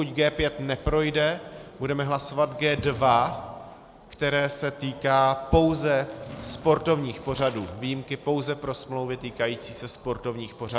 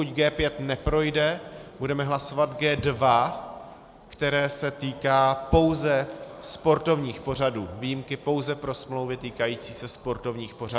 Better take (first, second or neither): second